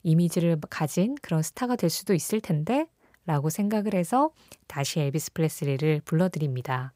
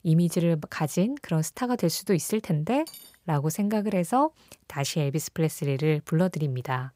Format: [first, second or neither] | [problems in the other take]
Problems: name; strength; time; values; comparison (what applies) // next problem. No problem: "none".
first | clattering dishes; faint; at 3 s; peak 15 dB below the speech